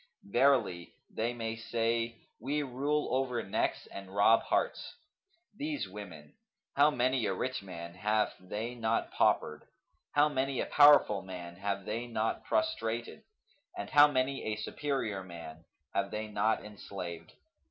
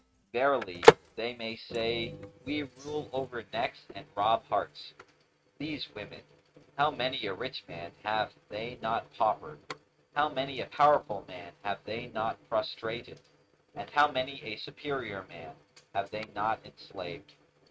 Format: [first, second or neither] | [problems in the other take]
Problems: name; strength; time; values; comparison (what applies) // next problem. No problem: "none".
first | noise reduction (neural mask model RNNoise)